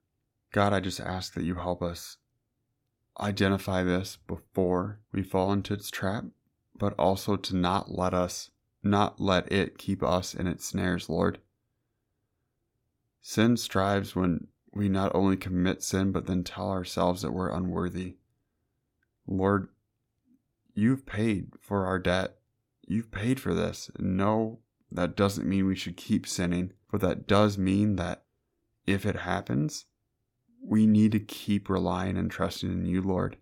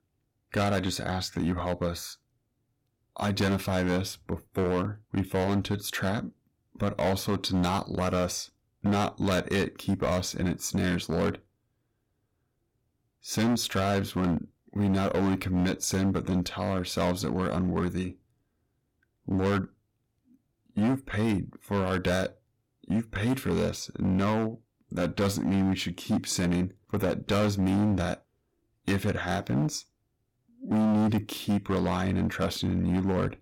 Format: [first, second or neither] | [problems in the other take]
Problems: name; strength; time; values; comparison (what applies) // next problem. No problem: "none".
first | distortion; heavy; 11% of the sound clipped